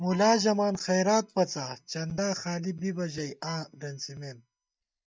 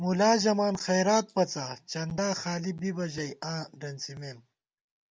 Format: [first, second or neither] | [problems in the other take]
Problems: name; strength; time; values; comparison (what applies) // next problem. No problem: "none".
second | noise reduction (neural mask model DeepFilterNet 3)